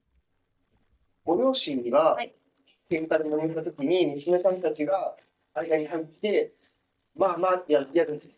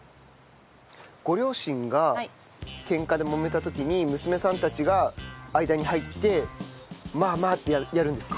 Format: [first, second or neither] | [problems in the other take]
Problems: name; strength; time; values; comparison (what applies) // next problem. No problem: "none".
second | noise reduction (neural mask model DeepFilterNet 3)